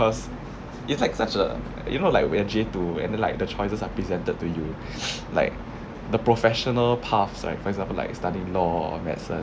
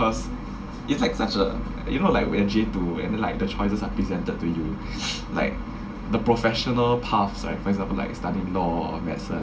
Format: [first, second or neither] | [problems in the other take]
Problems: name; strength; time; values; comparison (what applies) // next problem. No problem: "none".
first | room echo; dies away in 0.2 s